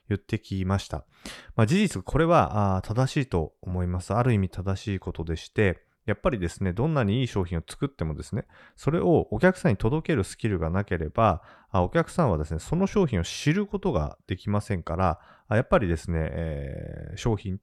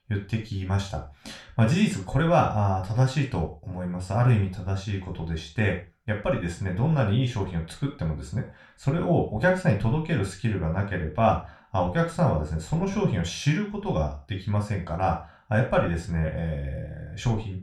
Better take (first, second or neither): first